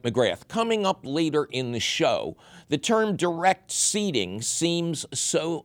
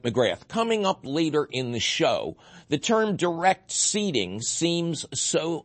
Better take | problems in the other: first | garbled, watery; slightly; nothing above 8 kHz

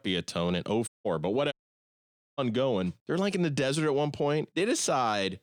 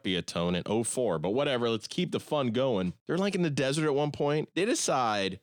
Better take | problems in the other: second | audio cutting out; at 1 s and at 1.5 s for 1 s

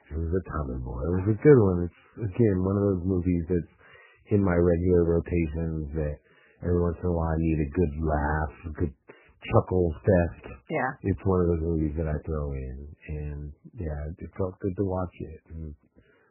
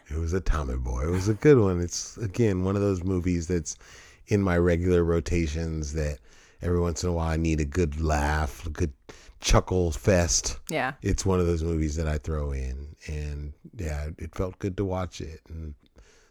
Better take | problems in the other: second | garbled, watery; badly; nothing above 3 kHz

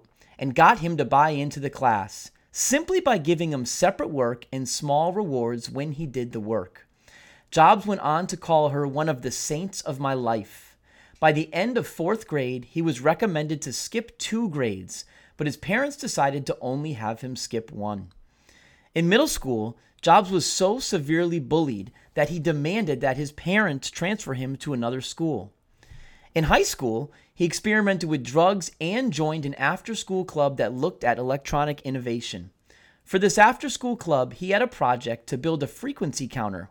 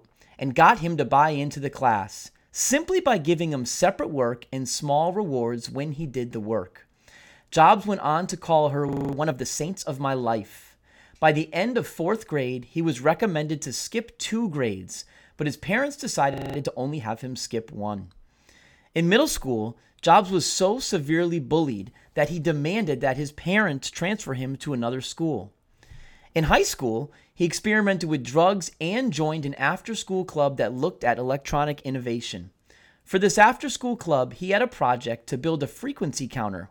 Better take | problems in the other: first | audio freezing; at 9 s and at 16 s

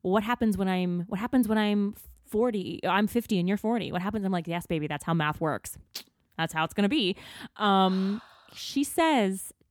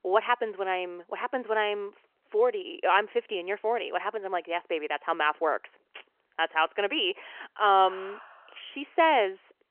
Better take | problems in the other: first | phone-call audio; nothing above 3 kHz

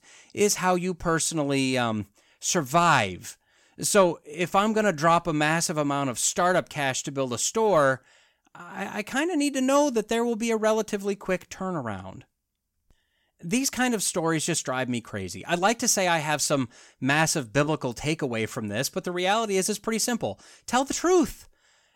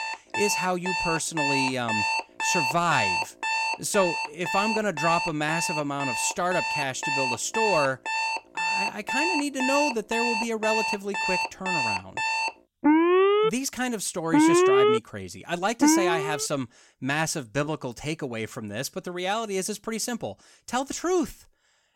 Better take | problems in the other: first | alarms or sirens; very loud; until 16 s; 3 dB above the speech

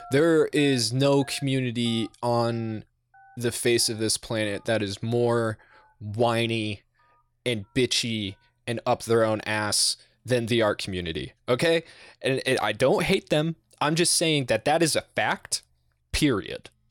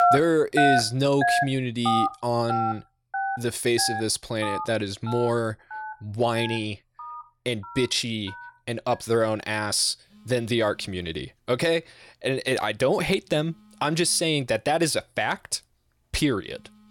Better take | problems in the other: first | alarms or sirens; loud; throughout; 3 dB below the speech; faint in the first

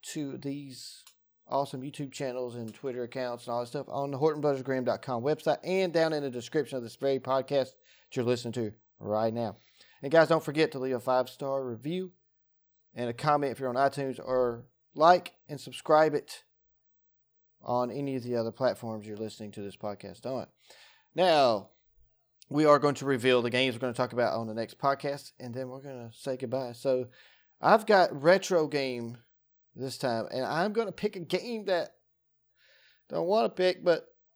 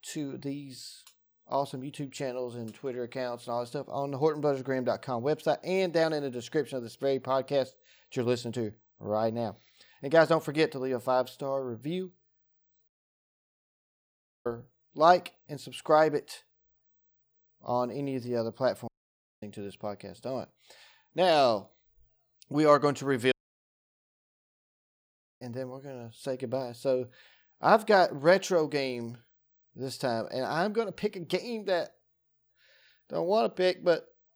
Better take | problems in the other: first | audio cutting out; at 13 s for 1.5 s, at 19 s for 0.5 s and at 23 s for 2 s

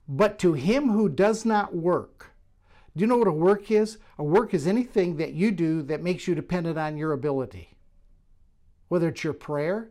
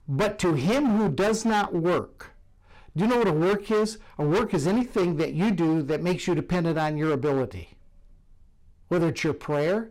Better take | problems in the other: first | distortion; heavy; 18% of the sound clipped

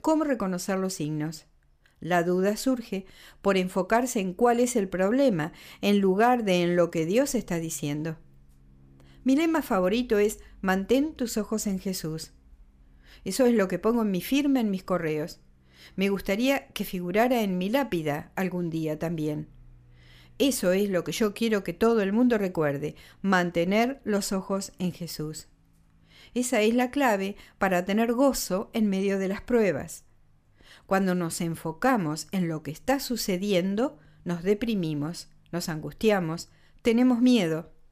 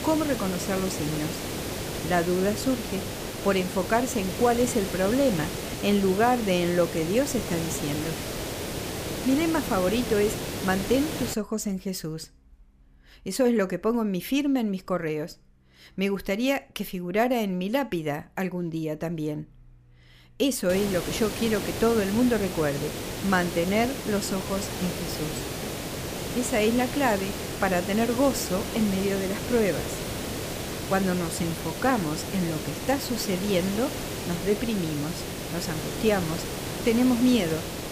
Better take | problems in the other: first | hiss; loud; until 11 s and from 21 s on; 6 dB below the speech

